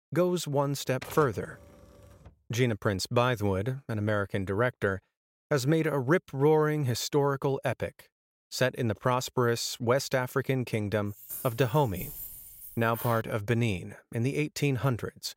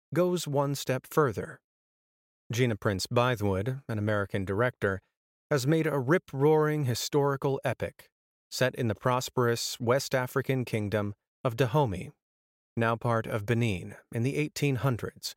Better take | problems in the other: second | keyboard typing; faint; from 1 to 2.5 s; peak 15 dB below the speech // jangling keys; noticeable; from 11 to 13 s; peak 10 dB below the speech

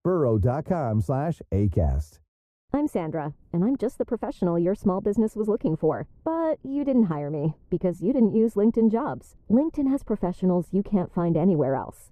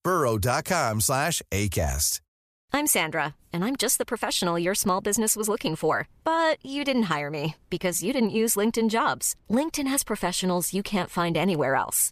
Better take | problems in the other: second | muffled; very; fading above 1.5 kHz

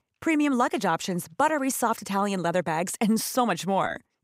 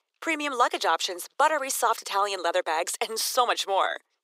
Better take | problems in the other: first | thin; very; fading below 350 Hz

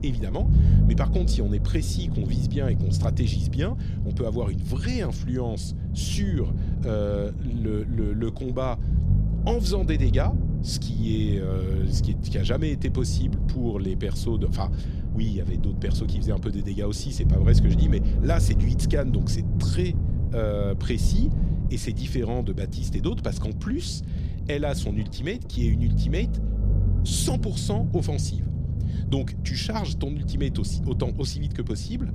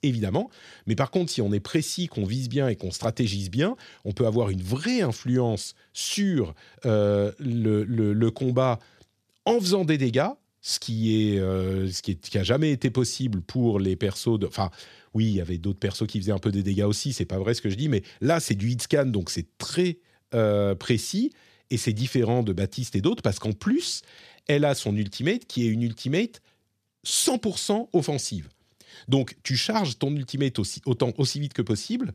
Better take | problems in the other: second | low rumble; loud; throughout; 6 dB below the speech

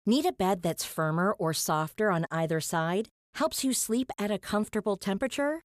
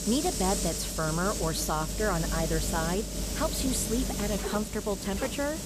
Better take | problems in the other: first | hiss; loud; throughout; 1 dB below the speech

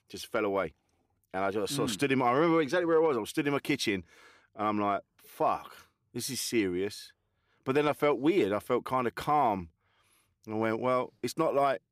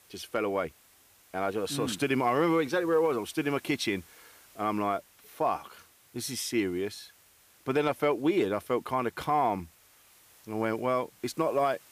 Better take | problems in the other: first | hiss; faint; throughout; 25 dB below the speech

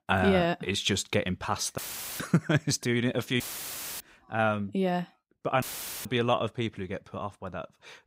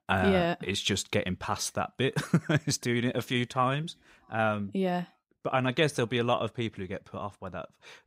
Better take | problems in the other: second | audio cutting out; filled with static; at 2 s, at 3.5 s for 0.5 s and at 5.5 s

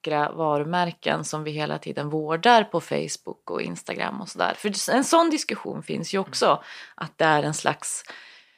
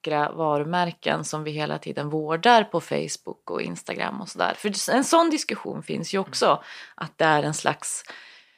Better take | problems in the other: neither | none

